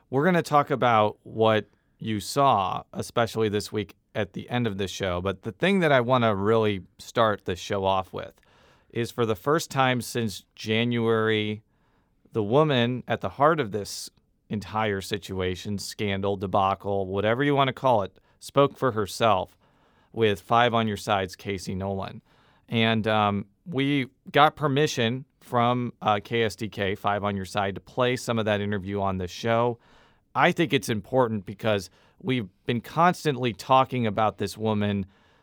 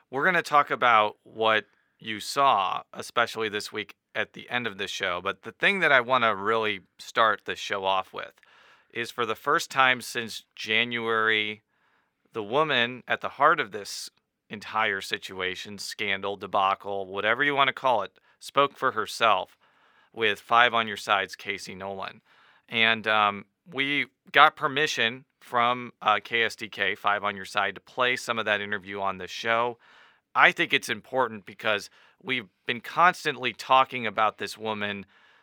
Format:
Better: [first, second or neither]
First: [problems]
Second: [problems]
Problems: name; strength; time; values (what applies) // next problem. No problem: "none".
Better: first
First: none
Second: thin; somewhat; fading below 900 Hz